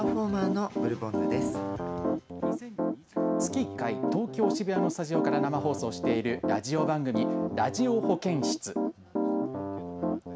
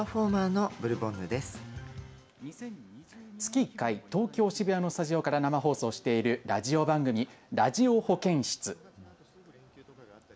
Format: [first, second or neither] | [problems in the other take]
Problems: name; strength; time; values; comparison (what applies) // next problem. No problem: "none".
second | background sound (Piano); 1 dB above the speech